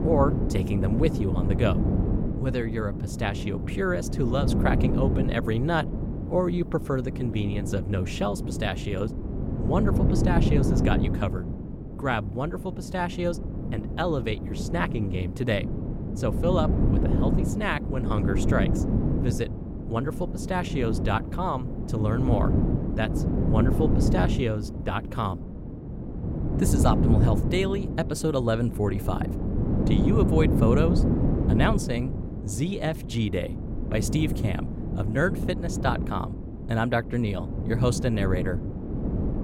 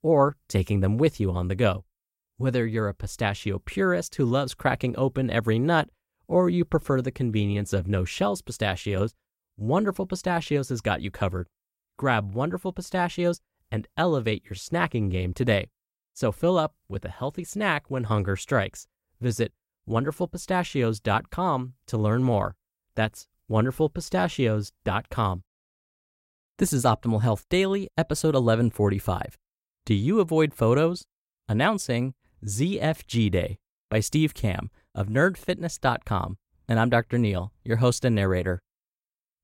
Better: second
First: wind noise on the microphone; heavy; 5 dB below the speech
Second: none

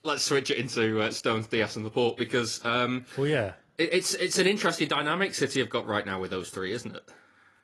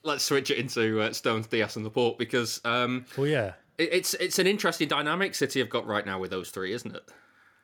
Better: second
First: garbled, watery; slightly; nothing above 11.5 kHz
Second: none

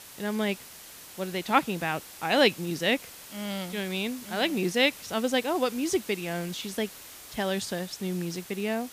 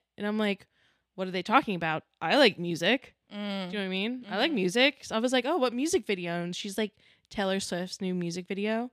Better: second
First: hiss; noticeable; throughout; 15 dB below the speech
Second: none

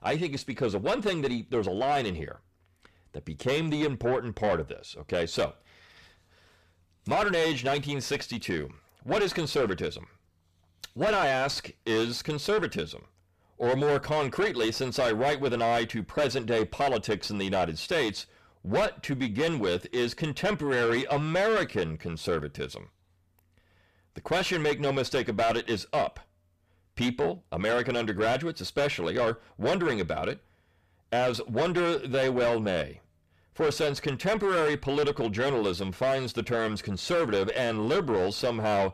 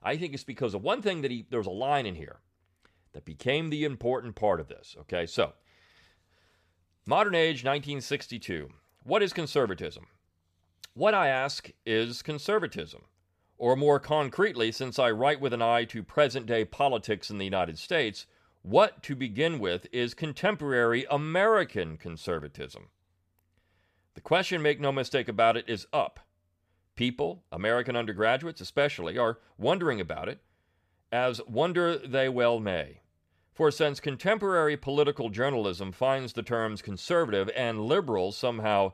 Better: second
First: distortion; heavy; 6 dB below the speech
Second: none

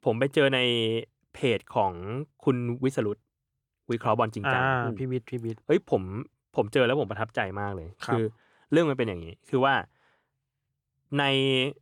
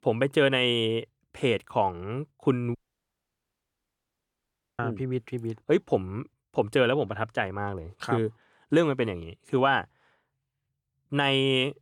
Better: first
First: none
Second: audio cutting out; at 3 s for 2 s

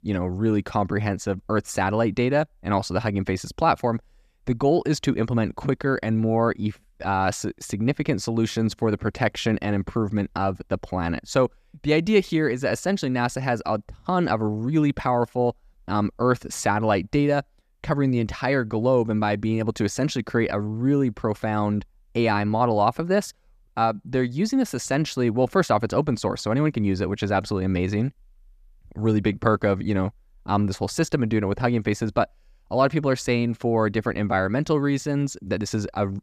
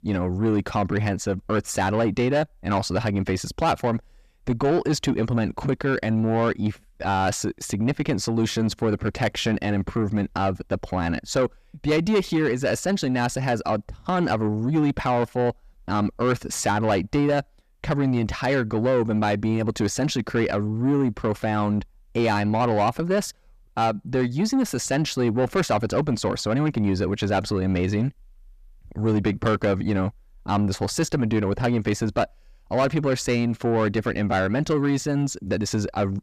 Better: first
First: none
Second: distortion; slight; 10 dB below the speech

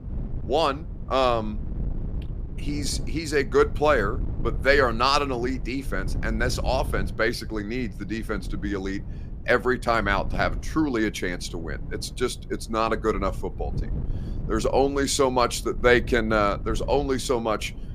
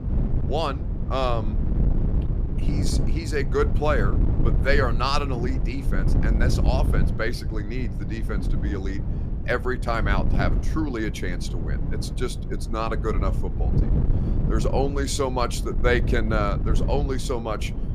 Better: first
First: wind noise on the microphone; occasional gusts; 20 dB below the speech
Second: wind noise on the microphone; heavy; 10 dB below the speech

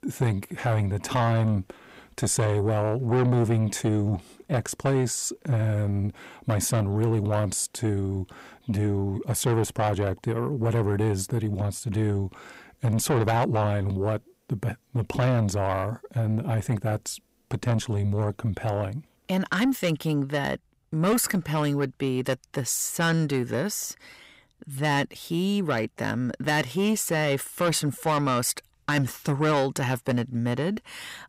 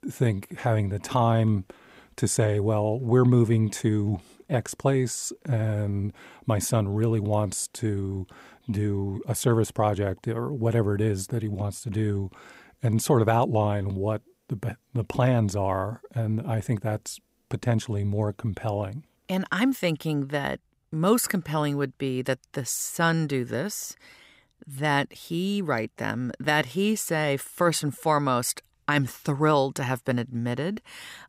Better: second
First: distortion; slight; 10 dB below the speech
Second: none

